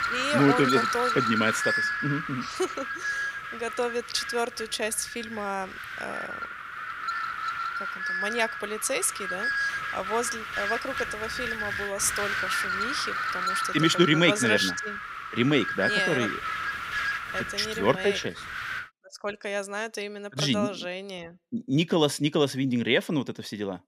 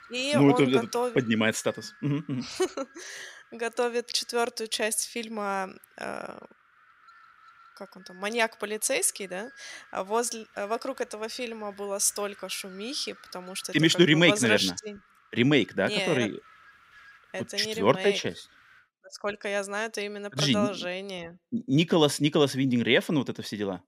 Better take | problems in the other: second | wind noise on the microphone; heavy; until 19 s; 1 dB above the speech; occasional gusts in the second

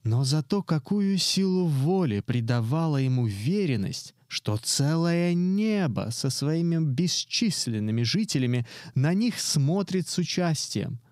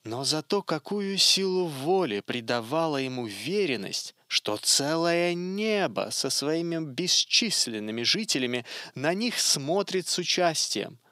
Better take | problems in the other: first | thin; very; fading below 450 Hz

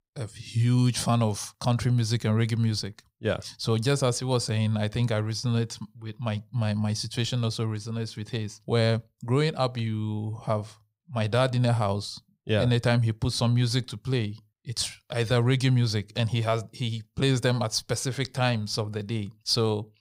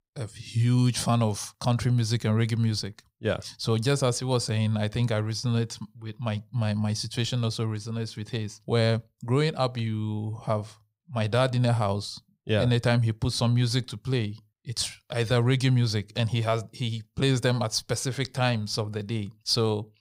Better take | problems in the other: neither | none

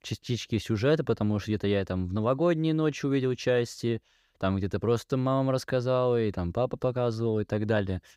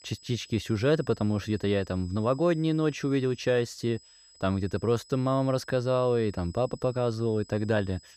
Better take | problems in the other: first | high-pitched whine; faint; throughout; 5 kHz, 25 dB below the speech

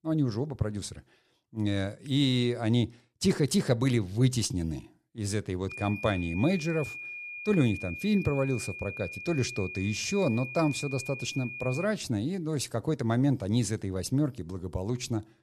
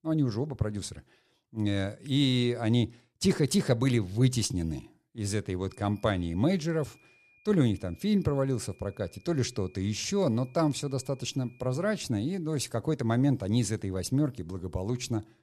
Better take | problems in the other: second | high-pitched whine; loud; from 5.5 to 12 s; 2.5 kHz, 9 dB below the speech; faint in the second

